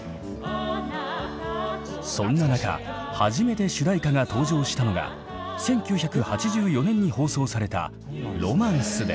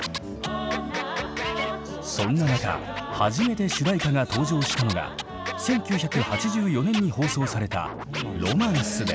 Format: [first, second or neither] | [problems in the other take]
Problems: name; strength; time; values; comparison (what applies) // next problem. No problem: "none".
first | background sound (Scratching (performance technique)); 9 dB below the speech